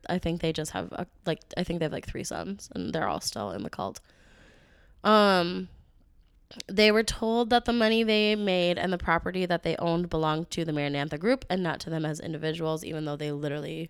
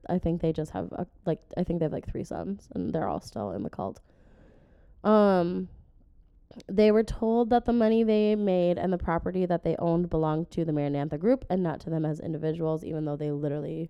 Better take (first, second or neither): first